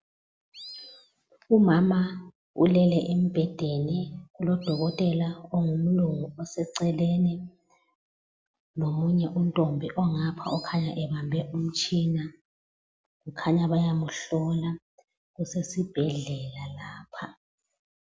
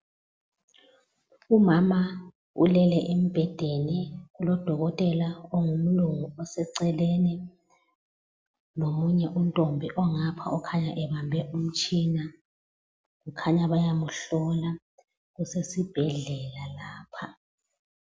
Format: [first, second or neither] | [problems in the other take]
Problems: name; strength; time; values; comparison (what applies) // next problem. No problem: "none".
second | background sound (Animal); 19 dB below the speech